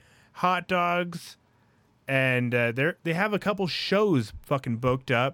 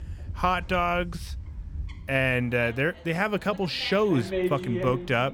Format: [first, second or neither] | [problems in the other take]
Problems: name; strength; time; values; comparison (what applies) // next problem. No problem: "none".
first | animal sounds; loud; throughout; 9 dB below the speech